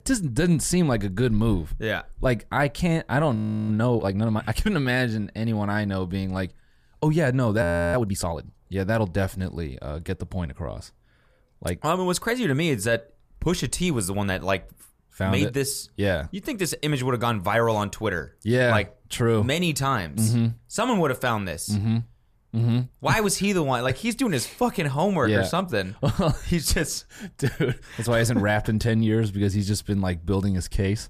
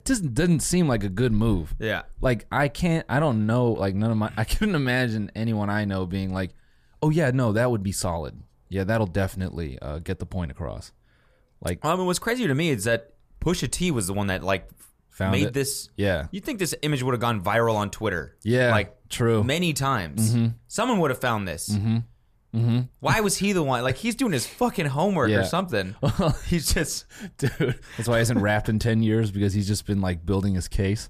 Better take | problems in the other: second | audio freezing; at 3.5 s and at 7.5 s

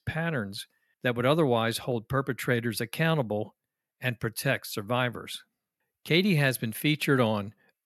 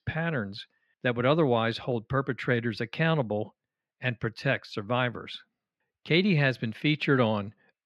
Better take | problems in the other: first | muffled; very slightly; fading above 4 kHz

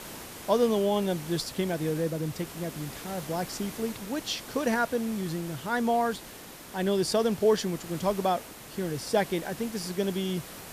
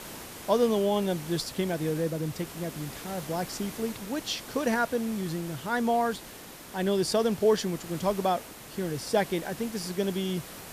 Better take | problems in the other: neither | hiss; noticeable; throughout; 15 dB below the speech; the same in both

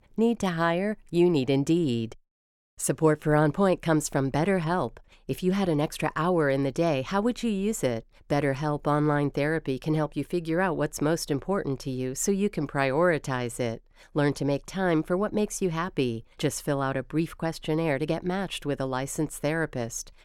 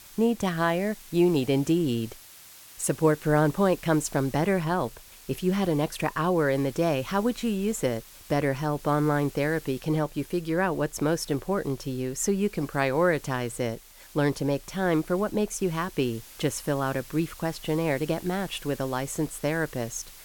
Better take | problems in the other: first | hiss; noticeable; throughout; 20 dB below the speech

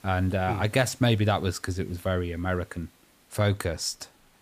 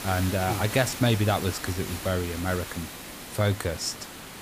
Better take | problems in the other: first | hiss; loud; throughout; 9 dB below the speech; faint in the first

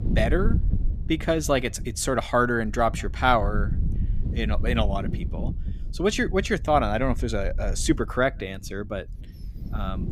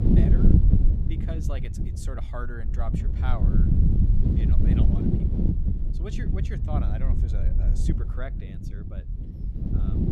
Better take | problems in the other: first | wind noise on the microphone; heavy; 5 dB above the speech; occasional gusts in the first

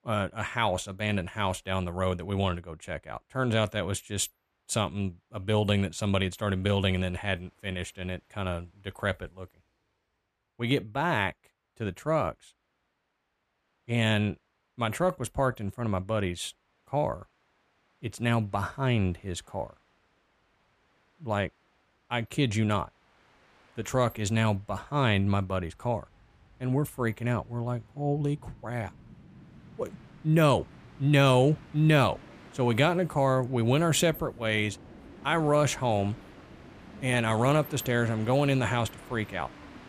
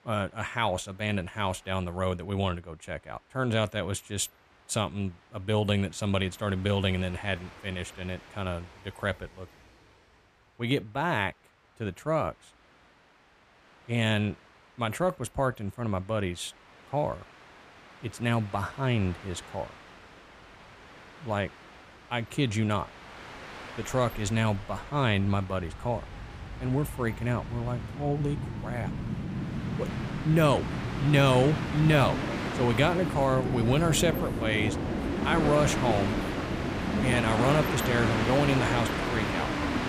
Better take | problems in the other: first | train or aircraft noise; loud; throughout; 3 dB below the speech; faint in the first

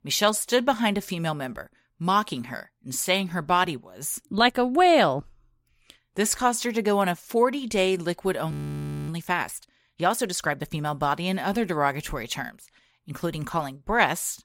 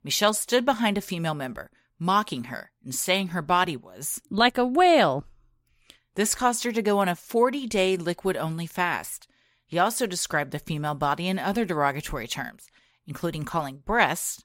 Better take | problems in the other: second | audio freezing; at 8.5 s for 0.5 s

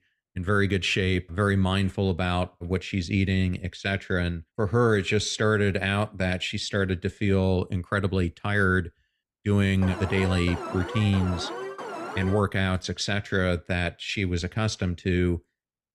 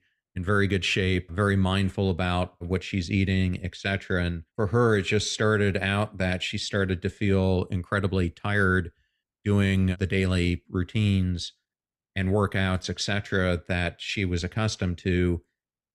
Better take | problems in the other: second | alarm; noticeable; from 10 to 12 s; peak 8 dB below the speech

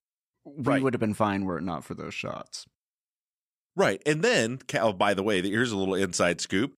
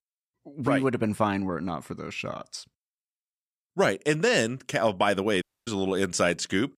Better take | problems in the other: first | audio cutting out; at 5.5 s

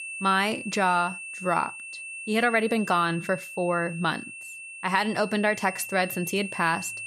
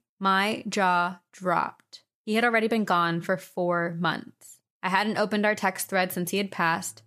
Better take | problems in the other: second | high-pitched whine; noticeable; throughout; 2.5 kHz, 10 dB below the speech

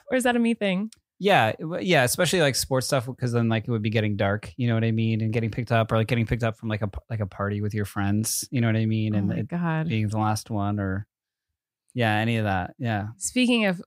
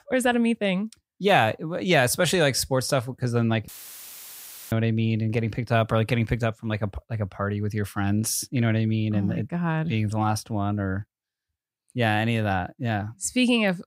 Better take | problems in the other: first | audio cutting out; filled with static; at 3.5 s for 1 s

